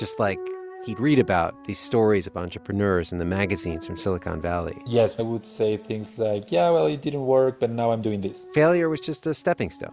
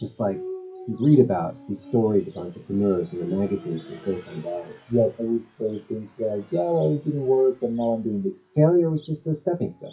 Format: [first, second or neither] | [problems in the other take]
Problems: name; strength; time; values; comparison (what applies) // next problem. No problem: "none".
first | noise reduction (classical method WPE with log-MMSE)